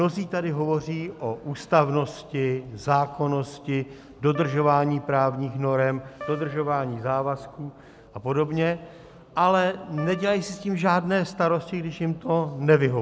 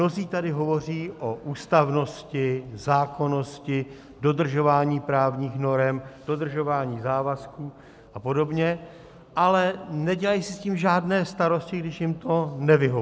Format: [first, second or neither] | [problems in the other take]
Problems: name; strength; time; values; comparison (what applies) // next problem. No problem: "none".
second | background sound (Piano); 18 dB below the speech